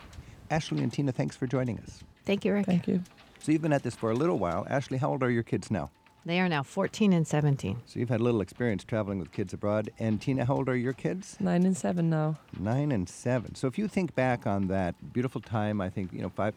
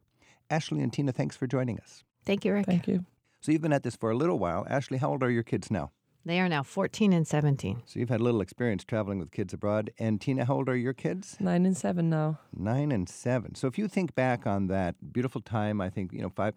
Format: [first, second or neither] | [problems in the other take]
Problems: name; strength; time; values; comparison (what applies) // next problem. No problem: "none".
second | wind noise on the microphone; occasional gusts; 25 dB below the speech